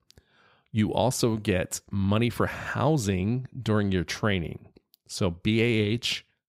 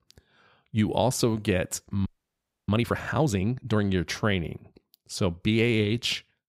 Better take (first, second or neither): first